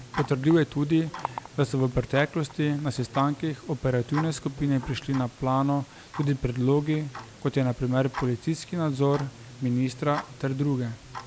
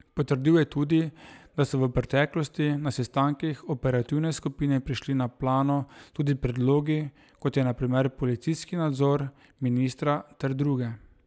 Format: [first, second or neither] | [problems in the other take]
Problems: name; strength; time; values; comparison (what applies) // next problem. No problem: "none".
second | background sound (Tick-tock); 15 dB below the speech